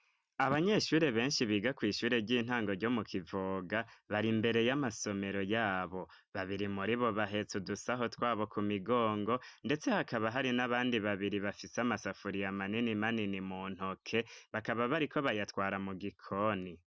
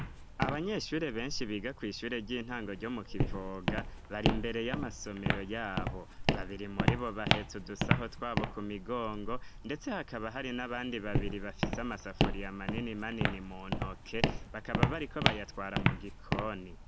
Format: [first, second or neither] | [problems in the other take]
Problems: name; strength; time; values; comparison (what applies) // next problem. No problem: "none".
first | background sound (Walk, footsteps); 3 dB above the speech